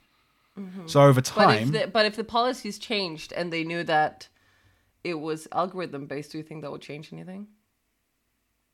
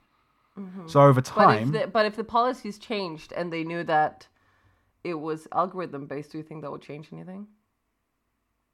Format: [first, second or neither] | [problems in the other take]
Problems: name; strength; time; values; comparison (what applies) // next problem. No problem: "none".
first | muffled; slightly; fading above 2 kHz